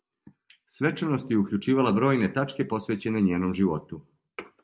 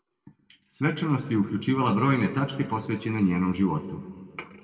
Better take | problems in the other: first | room echo; dies away in 1.8 s

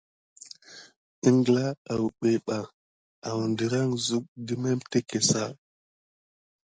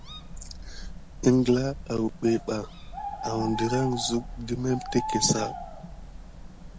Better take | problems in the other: first | background sound (Bird); 8 dB below the speech

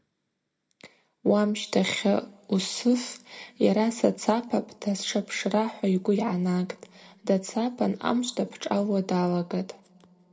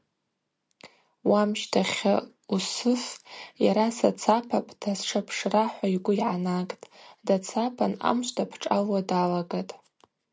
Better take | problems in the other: second | room echo; dies away in 0.7 s

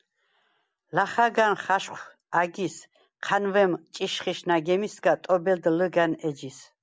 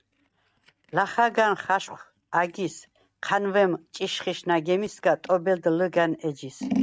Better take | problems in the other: first | noise reduction (neural mask model RNNoise)

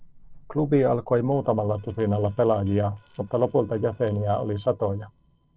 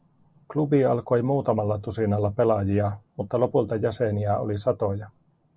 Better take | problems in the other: second | noise reduction (neural separator model SepFormer DNS4)

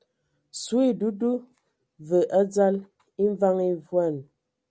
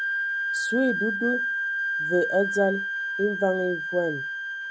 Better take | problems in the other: first | background sound (Wind instrument, woodwind instrument); 1 dB below the speech

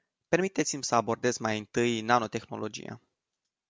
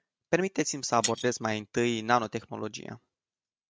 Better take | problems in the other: first | noise reduction (neural mask model RNNoise)

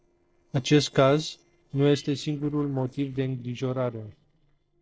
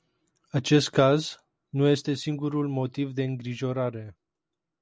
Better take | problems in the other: second | noise reduction (neural separator model SepFormer DNS4)

